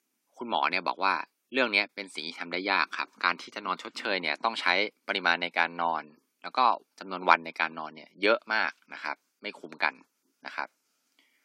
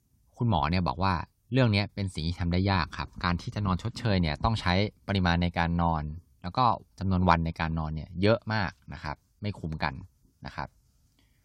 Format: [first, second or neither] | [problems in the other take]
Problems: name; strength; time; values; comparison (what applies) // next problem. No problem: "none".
second | thin; very; fading below 300 Hz